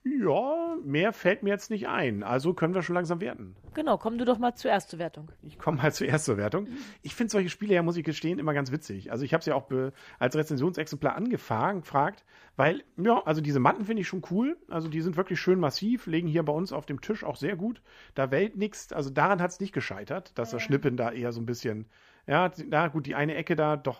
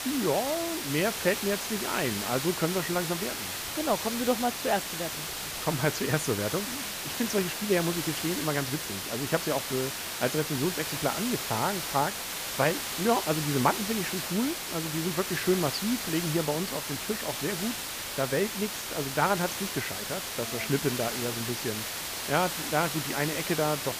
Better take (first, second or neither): first